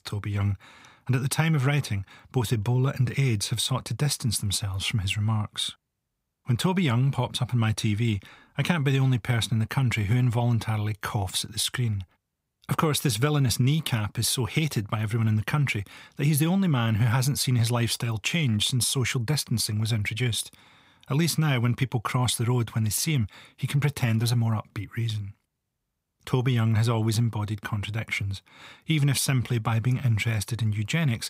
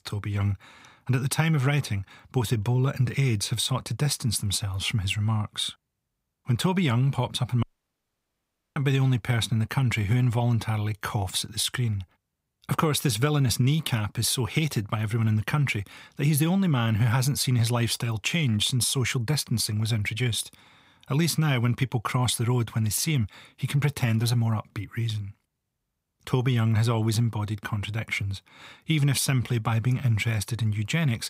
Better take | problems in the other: first | audio cutting out; at 7.5 s for 1 s

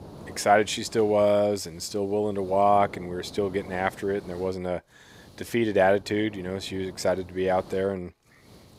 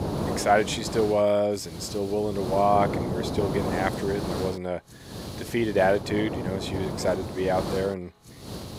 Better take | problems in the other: first | hiss; loud; throughout; 6 dB below the speech; faint in the first

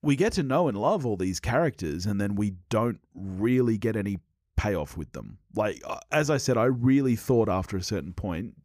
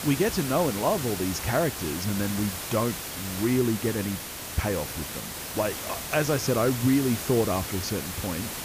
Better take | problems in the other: first | hiss; loud; throughout; 5 dB below the speech

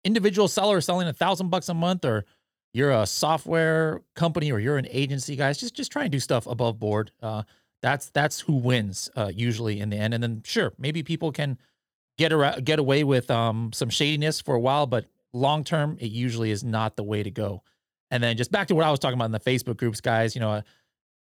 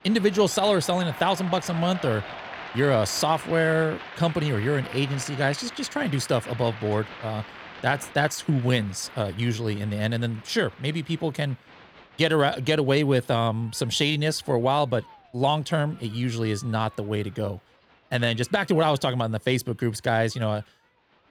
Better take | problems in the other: first | crowd noise; noticeable; throughout; 15 dB below the speech

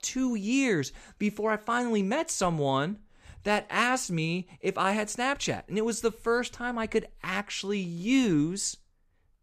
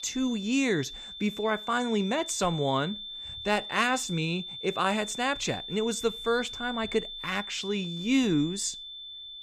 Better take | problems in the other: first | high-pitched whine; loud; throughout; 3.5 kHz, 9 dB below the speech

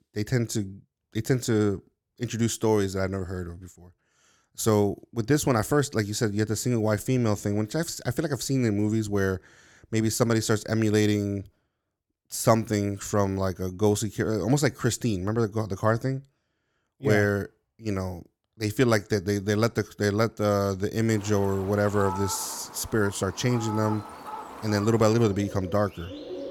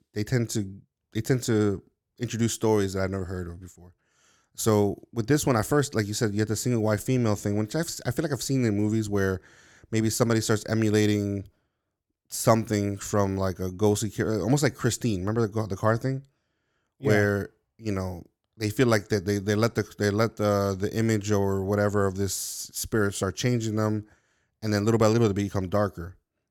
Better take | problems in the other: second | animal sounds; noticeable; from 21 s on; 15 dB below the speech

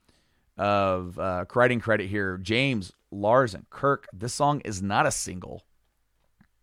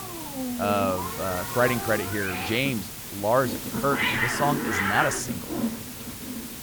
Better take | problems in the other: first | hiss; loud; throughout; 2 dB below the speech

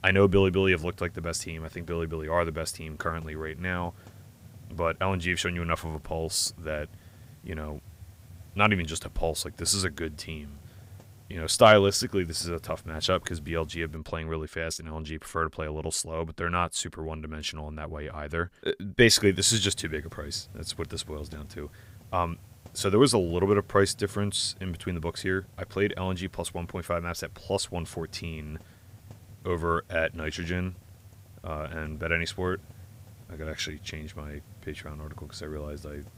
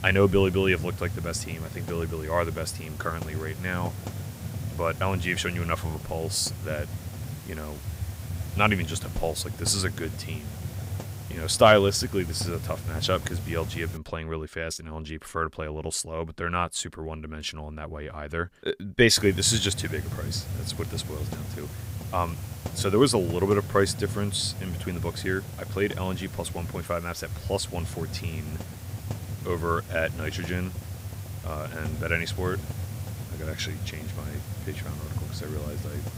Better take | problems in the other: first | hiss; loud; until 14 s and from 19 s on; 8 dB below the speech; faint in the first

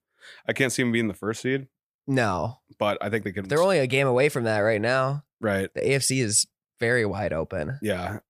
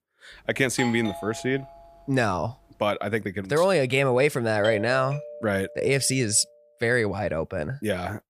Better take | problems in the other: first | doorbell; noticeable; from 0.5 to 2 s and from 4.5 to 6 s; peak 8 dB below the speech

